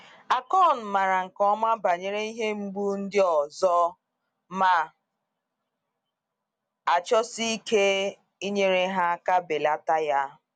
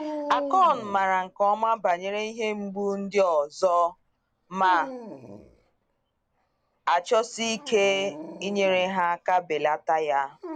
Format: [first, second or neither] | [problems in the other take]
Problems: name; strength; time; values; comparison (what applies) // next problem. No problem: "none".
first | background sound (Dog); 15 dB below the speech